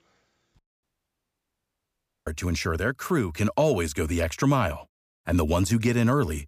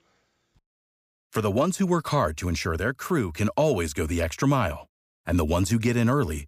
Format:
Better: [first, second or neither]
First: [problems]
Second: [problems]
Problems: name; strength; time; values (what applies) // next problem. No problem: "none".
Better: second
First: audio cutting out; at 1 s for 1.5 s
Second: none